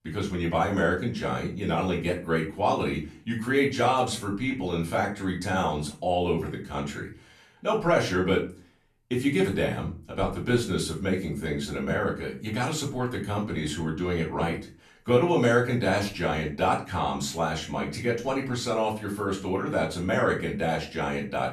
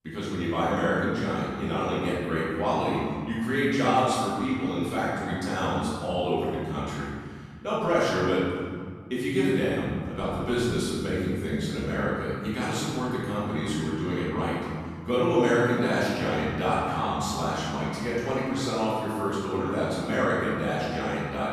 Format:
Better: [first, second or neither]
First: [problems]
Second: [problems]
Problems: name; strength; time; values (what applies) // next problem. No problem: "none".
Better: first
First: room echo; slight; dies away in 0.3 s // off-mic speech; far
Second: room echo; strong; dies away in 2 s // off-mic speech; far